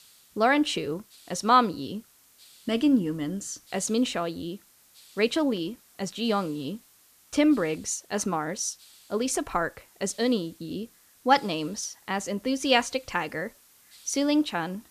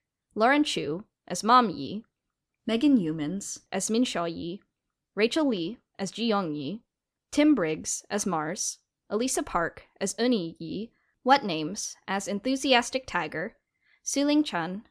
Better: second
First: hiss; faint; throughout; 25 dB below the speech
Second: none

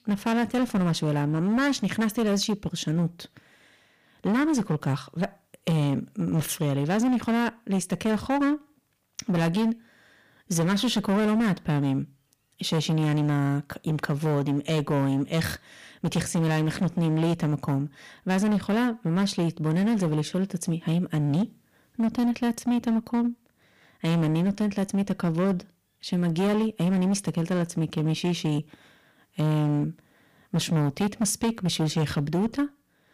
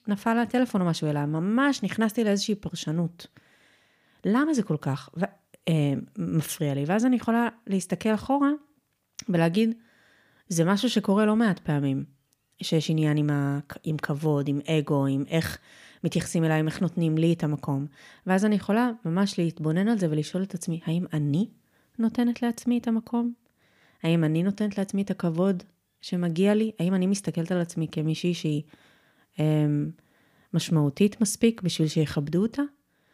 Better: second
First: distortion; slight; 16% of the sound clipped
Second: none

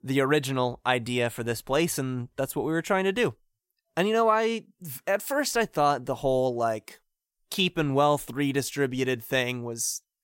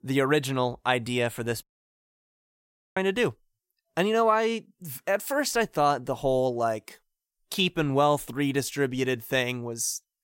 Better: first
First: none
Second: audio cutting out; at 1.5 s for 1.5 s

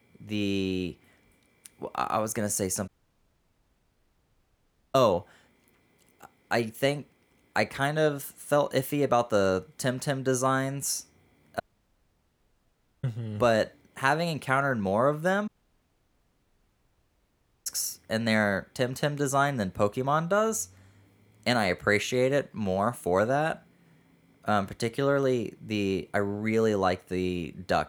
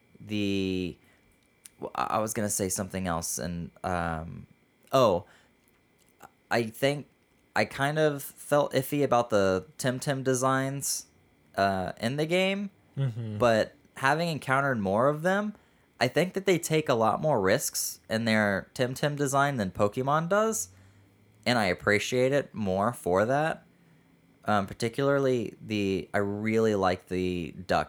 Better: second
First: audio cutting out; at 3 s for 2 s, at 12 s for 1.5 s and at 15 s for 2 s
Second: none

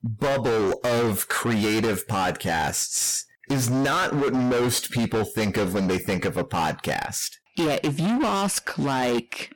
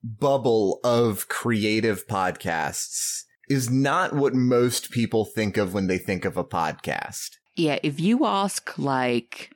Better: second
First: distortion; heavy; 28% of the sound clipped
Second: none

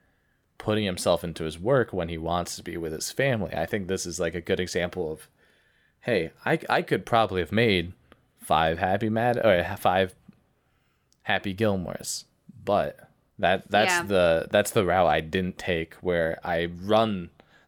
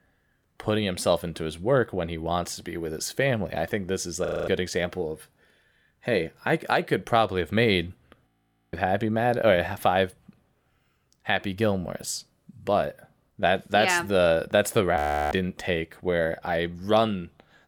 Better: first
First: none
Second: audio freezing; at 4.5 s, at 8.5 s and at 15 s

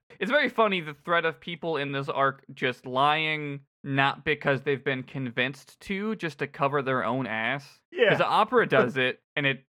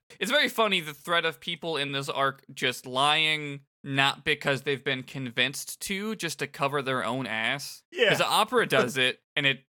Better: second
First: muffled; slightly; fading above 4 kHz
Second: none

